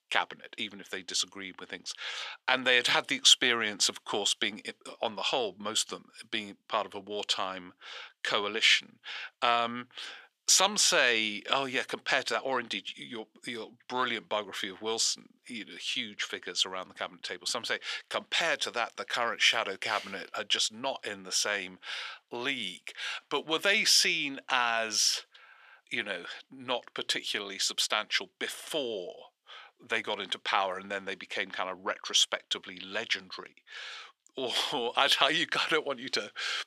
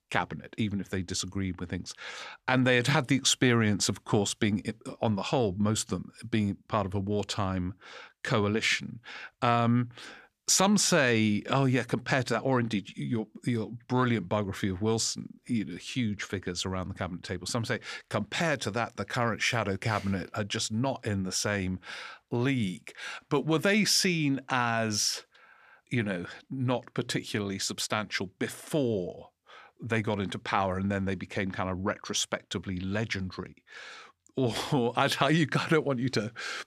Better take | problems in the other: second | thin; very; fading below 500 Hz

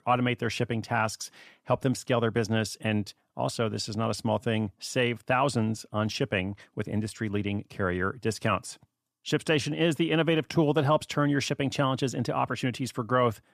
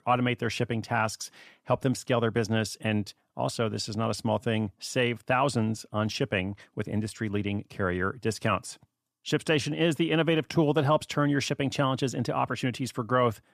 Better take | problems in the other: neither | none

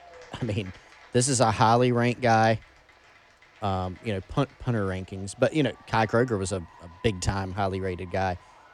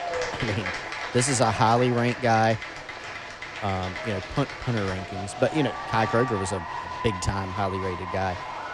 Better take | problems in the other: first | crowd noise; loud; throughout; 7 dB below the speech; faint in the first

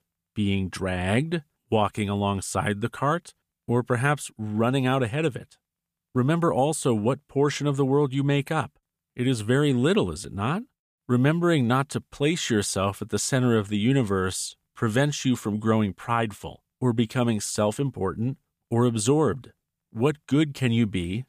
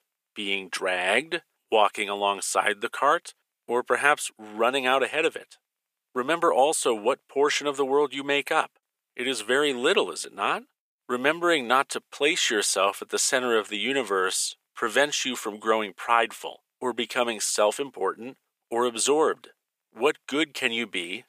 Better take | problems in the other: first | thin; very; fading below 450 Hz

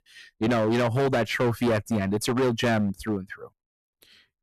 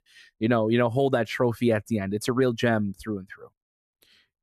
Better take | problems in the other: second | distortion; heavy; 15% of the sound clipped

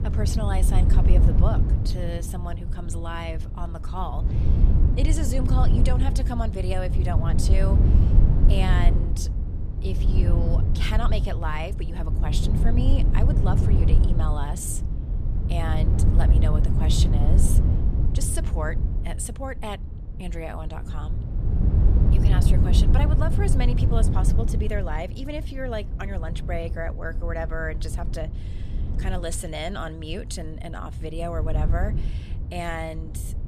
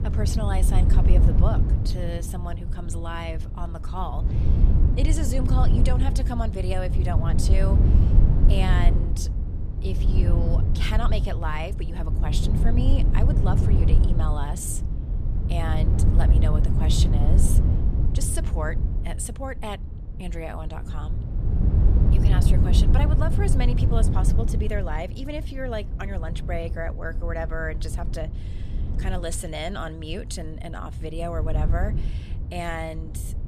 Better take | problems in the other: neither | wind noise on the microphone; heavy; 4 dB below the speech; the same in both

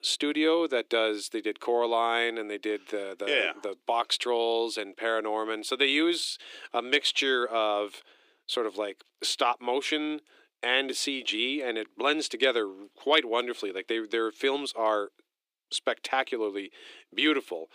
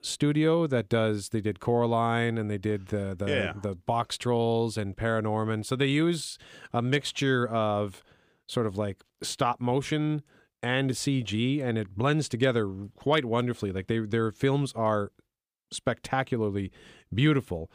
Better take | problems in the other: second | thin; somewhat; fading below 300 Hz

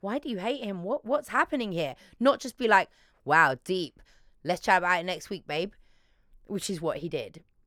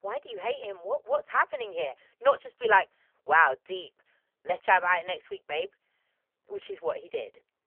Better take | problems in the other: first | phone-call audio; poor line; nothing above 3 kHz

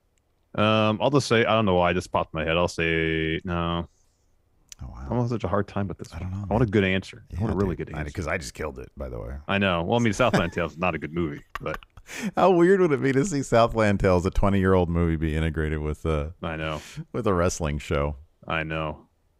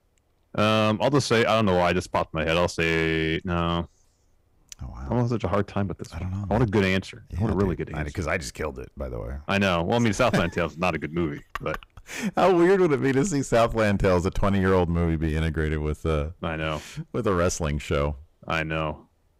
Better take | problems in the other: first | distortion; slight; 4% of the sound clipped

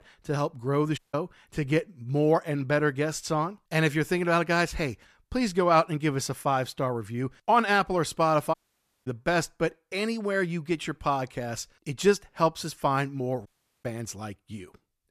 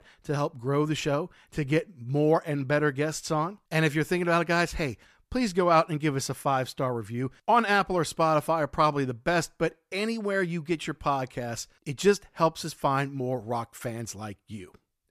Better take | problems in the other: second | audio cutting out; at 1 s, at 8.5 s for 0.5 s and at 13 s

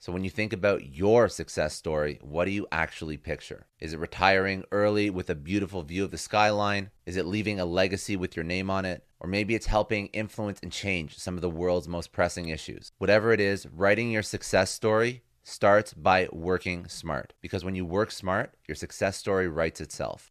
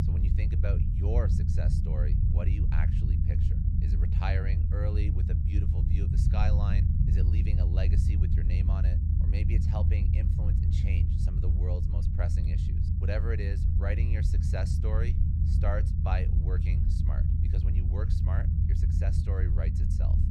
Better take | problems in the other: first | low rumble; loud; throughout; 1 dB below the speech

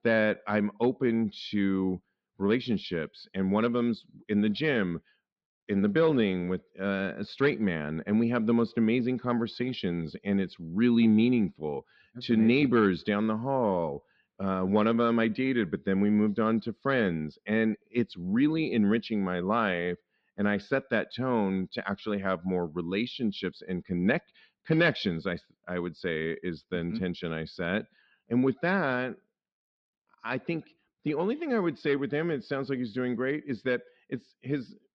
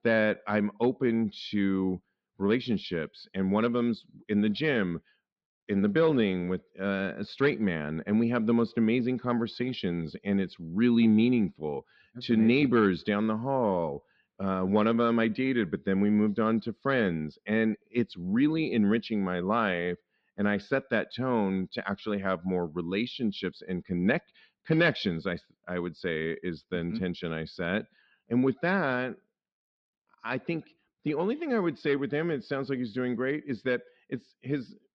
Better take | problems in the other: neither | muffled; very slightly; fading above 4.5 kHz; the same in both

